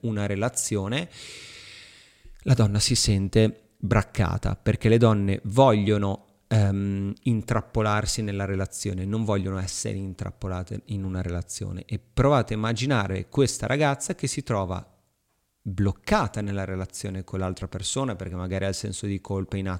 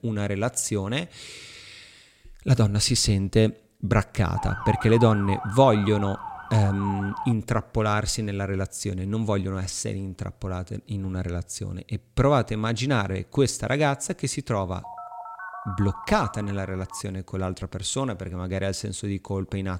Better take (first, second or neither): first